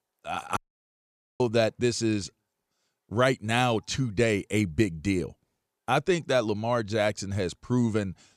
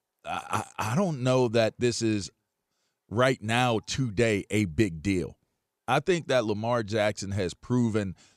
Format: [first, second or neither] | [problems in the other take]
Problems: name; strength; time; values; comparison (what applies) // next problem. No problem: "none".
second | audio cutting out; at 0.5 s for 1 s